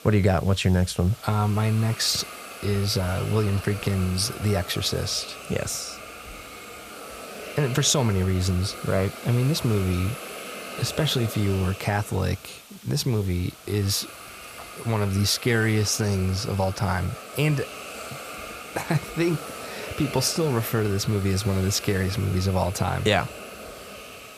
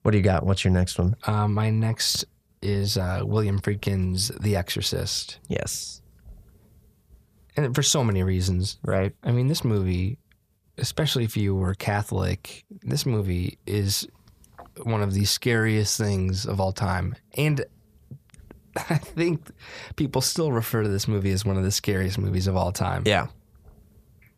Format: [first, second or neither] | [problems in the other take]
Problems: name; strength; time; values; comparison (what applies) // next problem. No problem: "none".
second | hiss; noticeable; throughout; 15 dB below the speech